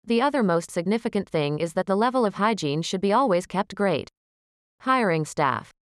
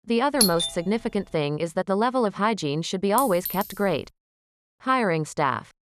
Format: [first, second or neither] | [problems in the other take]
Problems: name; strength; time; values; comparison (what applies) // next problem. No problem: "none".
first | doorbell; loud; at 0.5 s; peak 3 dB above the speech // clattering dishes; noticeable; at 3 s; peak 6 dB below the speech